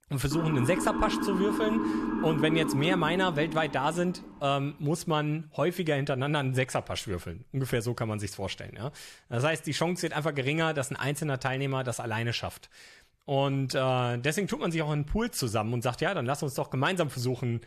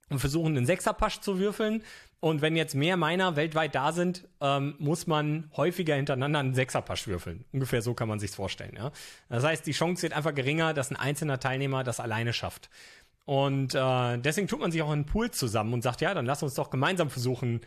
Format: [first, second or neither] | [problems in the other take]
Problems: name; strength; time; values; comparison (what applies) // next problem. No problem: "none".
second | siren; loud; until 4.5 s; peak level with the speech